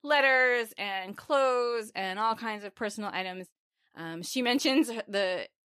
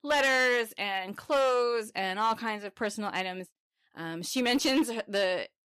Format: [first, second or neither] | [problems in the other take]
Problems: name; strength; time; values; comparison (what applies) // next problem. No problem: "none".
first | distortion; slight; 5% of the sound clipped